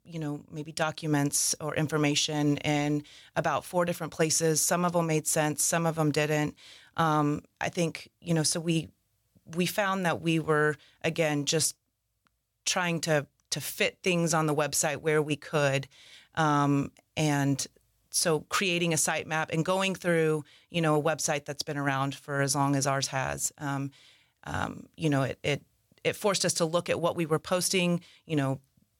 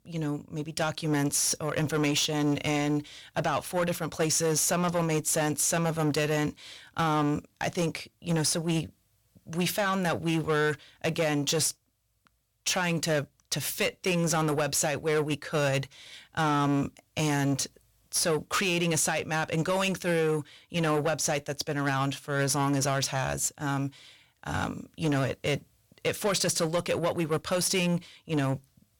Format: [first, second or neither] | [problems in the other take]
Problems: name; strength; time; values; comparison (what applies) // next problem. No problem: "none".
first | distortion; slight; 10 dB below the speech